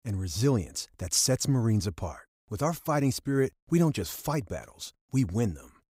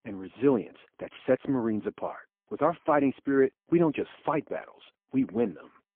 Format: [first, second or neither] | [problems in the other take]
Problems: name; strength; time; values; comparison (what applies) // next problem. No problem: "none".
first | phone-call audio; poor line